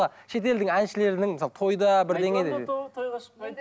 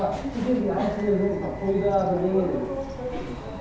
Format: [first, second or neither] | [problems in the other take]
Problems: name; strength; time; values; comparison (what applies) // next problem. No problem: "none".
first | background sound (Bird vocalization, bird call, bird song); 10 dB below the speech // room echo; dies away in 0.8 s